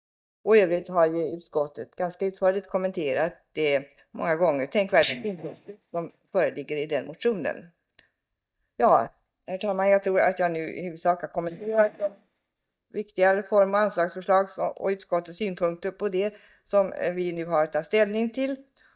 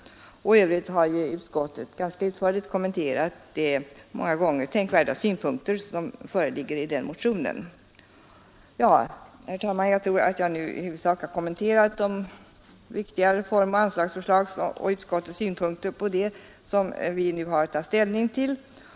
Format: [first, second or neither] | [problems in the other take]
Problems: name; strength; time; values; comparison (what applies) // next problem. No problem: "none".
second | noise reduction (neural mask model DeepFilterNet 3)